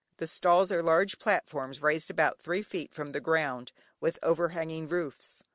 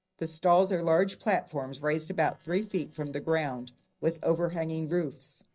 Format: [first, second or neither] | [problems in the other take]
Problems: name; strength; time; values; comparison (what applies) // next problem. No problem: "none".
first | noise reduction (neural separator model SepFormer DNS4)